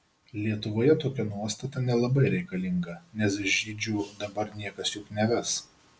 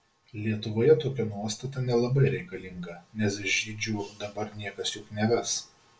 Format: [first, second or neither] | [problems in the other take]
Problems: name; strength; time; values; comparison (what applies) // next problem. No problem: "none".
first | room echo; dies away in 0.2 s